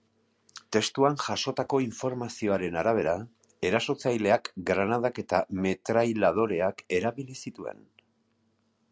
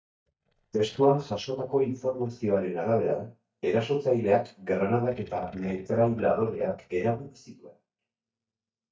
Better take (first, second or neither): first